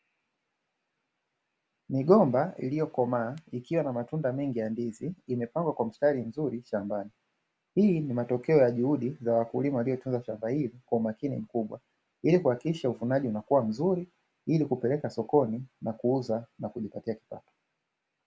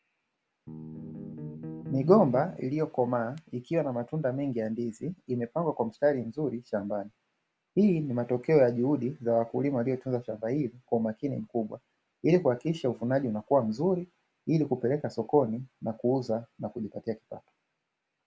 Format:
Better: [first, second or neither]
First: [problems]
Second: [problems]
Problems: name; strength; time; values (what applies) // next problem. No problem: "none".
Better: first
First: none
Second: background sound (Bass guitar); 10 dB below the speech